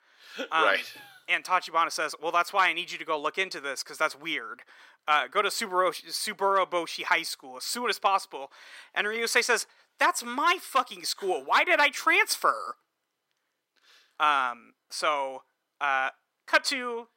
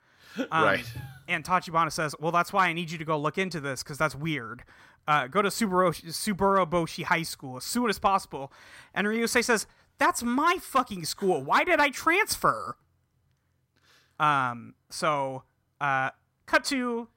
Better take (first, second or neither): second